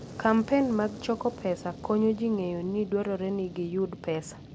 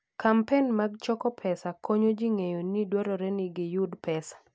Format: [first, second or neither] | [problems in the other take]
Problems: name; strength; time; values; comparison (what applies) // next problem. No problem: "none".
second | background sound (Fire); 16 dB below the speech